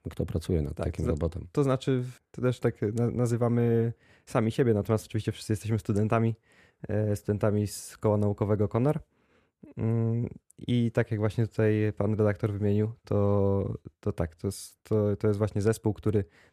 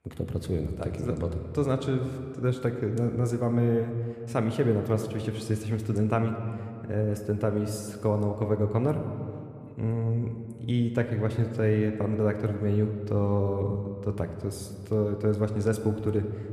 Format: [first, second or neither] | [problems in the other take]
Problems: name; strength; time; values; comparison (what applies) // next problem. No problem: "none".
first | room echo; slight; dies away in 1.9 s